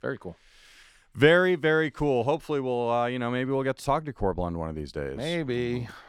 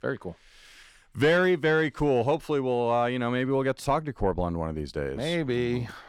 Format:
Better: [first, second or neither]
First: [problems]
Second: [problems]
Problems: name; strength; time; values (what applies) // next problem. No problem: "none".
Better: first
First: none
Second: distortion; slight; 10 dB below the speech